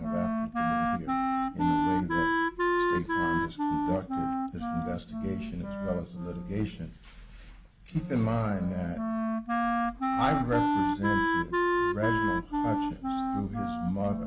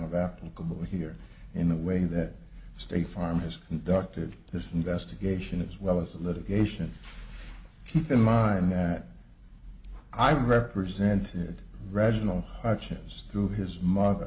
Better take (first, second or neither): second